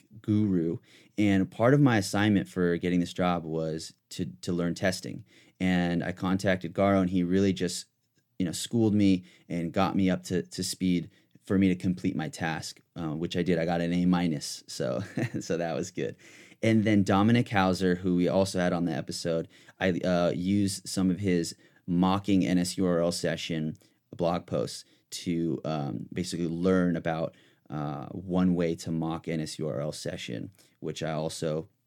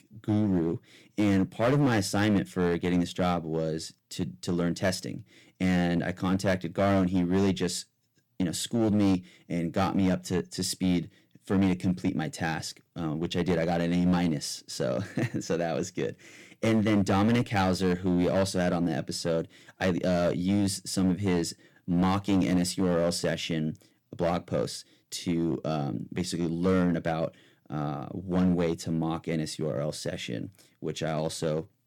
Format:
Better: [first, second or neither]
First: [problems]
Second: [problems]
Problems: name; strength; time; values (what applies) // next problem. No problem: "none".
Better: first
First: none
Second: distortion; slight; 6% of the sound clipped